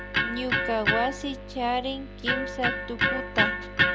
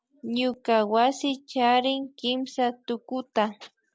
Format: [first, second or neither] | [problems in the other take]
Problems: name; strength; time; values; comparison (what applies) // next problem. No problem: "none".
second | background sound (Electric guitar); 3 dB above the speech